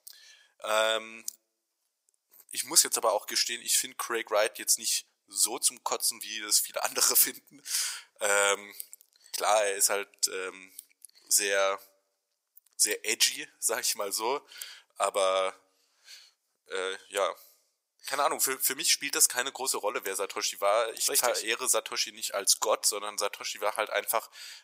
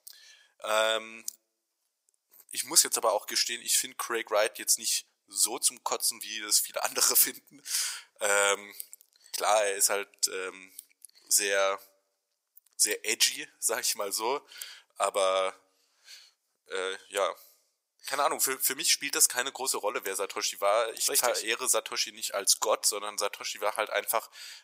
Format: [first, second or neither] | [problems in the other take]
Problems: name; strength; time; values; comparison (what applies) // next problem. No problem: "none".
neither | thin; very; fading below 550 Hz; the same in both